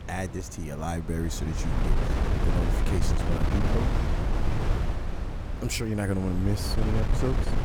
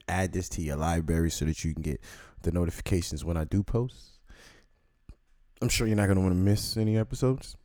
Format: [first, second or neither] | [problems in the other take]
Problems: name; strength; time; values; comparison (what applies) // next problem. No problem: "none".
second | wind noise on the microphone; heavy; as loud as the speech